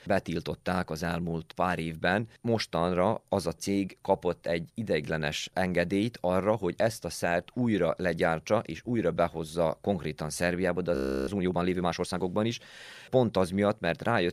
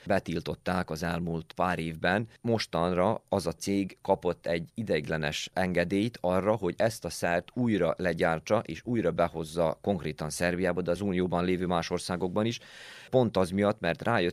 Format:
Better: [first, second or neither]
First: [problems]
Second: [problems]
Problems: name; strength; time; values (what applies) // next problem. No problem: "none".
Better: second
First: audio freezing; at 11 s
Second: none